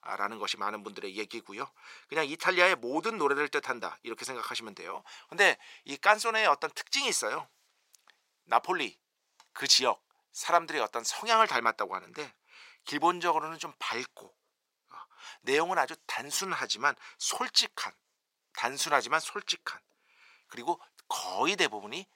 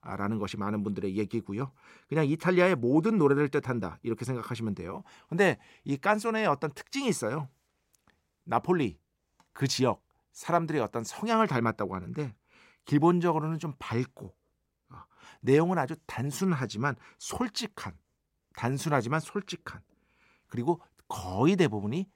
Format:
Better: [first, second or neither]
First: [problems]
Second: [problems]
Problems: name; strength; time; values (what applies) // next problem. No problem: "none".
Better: second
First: thin; very; fading below 700 Hz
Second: none